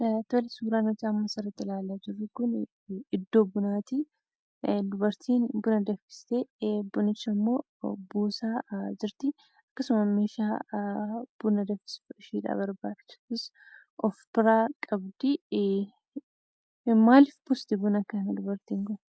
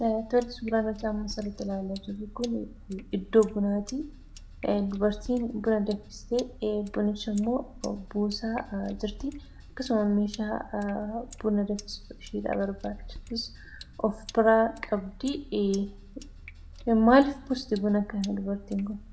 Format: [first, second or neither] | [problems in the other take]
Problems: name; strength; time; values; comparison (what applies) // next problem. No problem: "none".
first | background sound (Sink (filling or washing)); 16 dB below the speech // room echo; dies away in 0.5 s